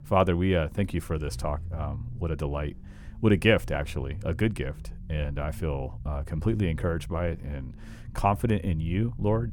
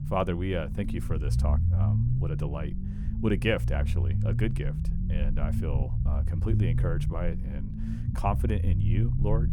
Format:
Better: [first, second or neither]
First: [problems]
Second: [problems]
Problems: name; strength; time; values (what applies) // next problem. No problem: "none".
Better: first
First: low rumble; faint; throughout; 25 dB below the speech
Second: low rumble; loud; throughout; 7 dB below the speech